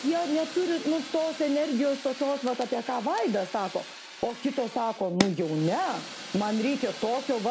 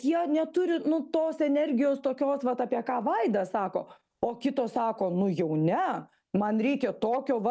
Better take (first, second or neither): second